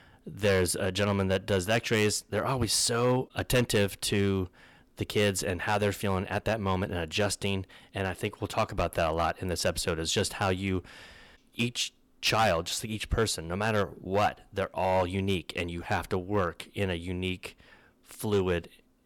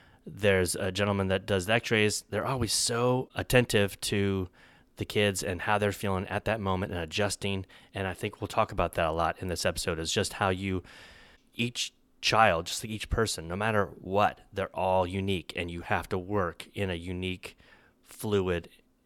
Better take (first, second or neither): second